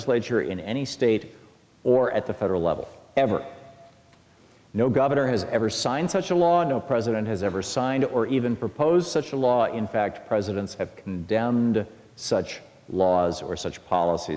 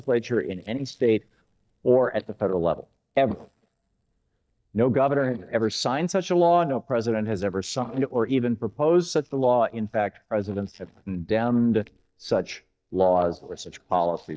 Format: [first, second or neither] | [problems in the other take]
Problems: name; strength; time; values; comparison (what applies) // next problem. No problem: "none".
first | noise reduction (neural mask model DeepFilterNet 3)